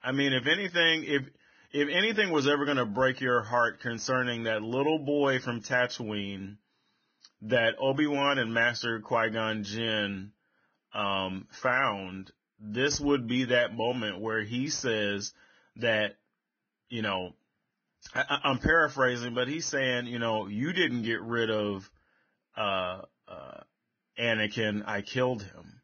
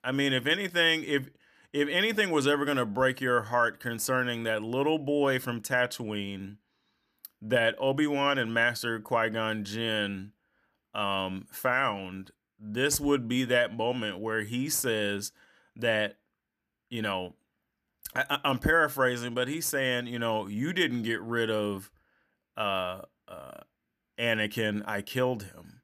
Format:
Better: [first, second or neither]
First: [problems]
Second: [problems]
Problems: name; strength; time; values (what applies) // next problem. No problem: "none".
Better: second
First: garbled, watery; badly; nothing above 6.5 kHz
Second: none